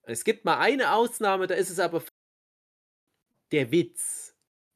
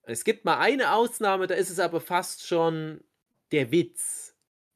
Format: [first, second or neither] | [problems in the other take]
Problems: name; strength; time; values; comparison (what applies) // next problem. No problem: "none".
second | audio cutting out; at 2 s for 1 s